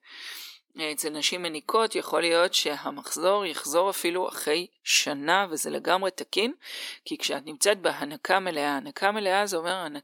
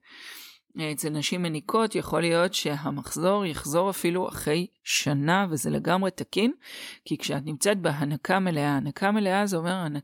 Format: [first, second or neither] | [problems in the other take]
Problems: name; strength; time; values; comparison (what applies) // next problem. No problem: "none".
second | thin; somewhat; fading below 350 Hz